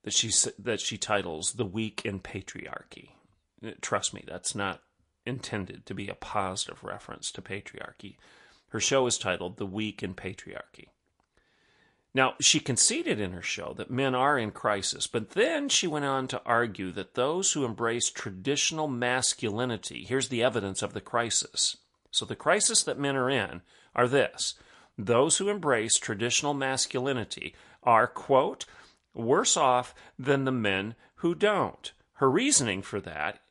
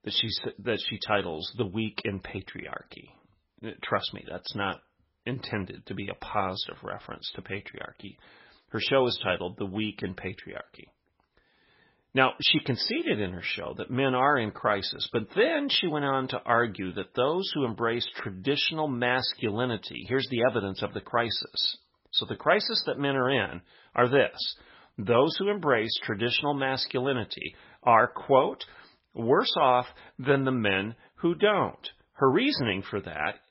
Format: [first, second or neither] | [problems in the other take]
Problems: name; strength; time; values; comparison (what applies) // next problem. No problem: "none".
first | garbled, watery; badly; nothing above 5.5 kHz; slightly in the first